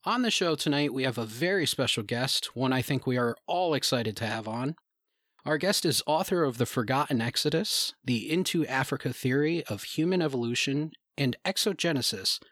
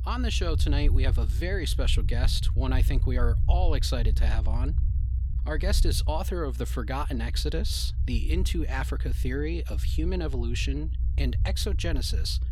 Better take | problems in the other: first | low rumble; noticeable; throughout; 15 dB below the speech

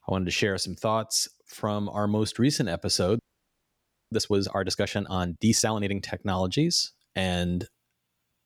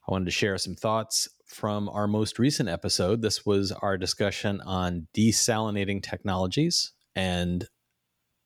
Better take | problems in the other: second | audio freezing; at 3 s for 1 s

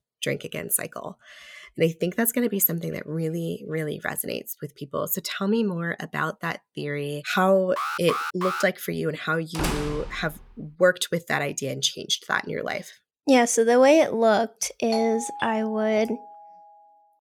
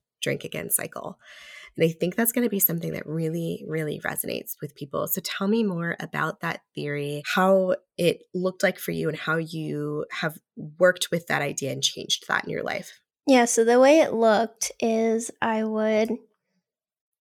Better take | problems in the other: second | alarm; noticeable; at 8 s; peak 4 dB below the speech // door banging; noticeable; at 9.5 s; peak 4 dB below the speech // doorbell; noticeable; from 15 to 17 s; peak 8 dB below the speech

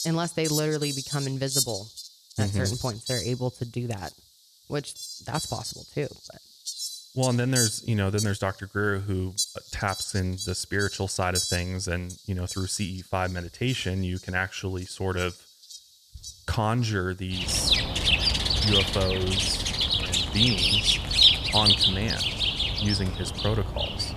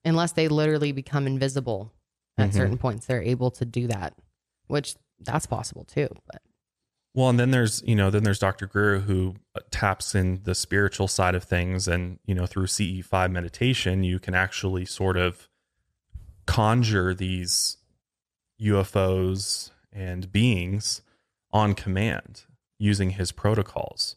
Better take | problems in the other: second | animal sounds; very loud; throughout; 4 dB above the speech

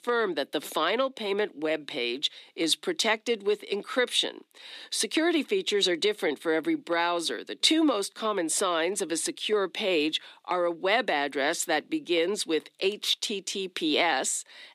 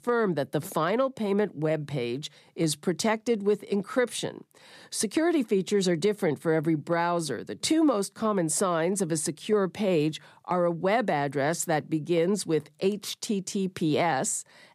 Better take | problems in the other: second | thin; very slightly; fading below 300 Hz

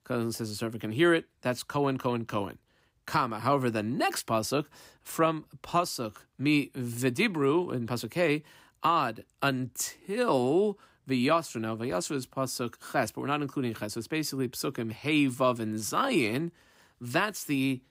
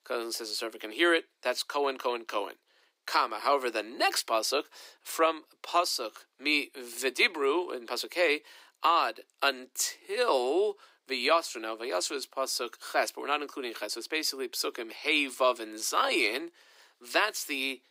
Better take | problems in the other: first | thin; very; fading below 350 Hz

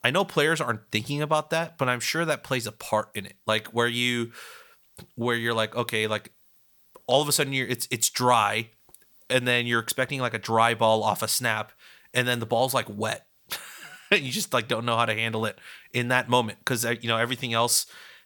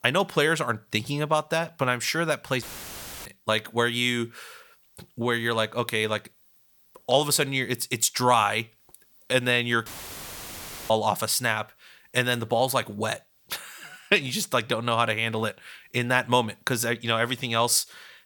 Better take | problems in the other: first | audio cutting out; filled with static; at 2.5 s for 0.5 s and at 10 s for 1 s

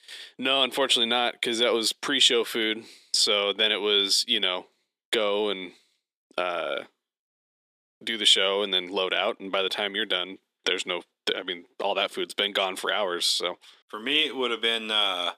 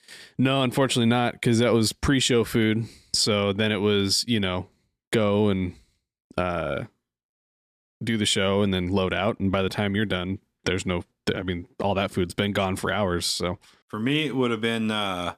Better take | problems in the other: second | thin; somewhat; fading below 350 Hz

